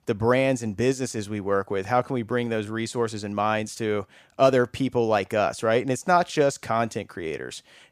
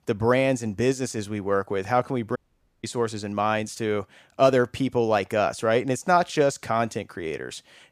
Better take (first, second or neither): first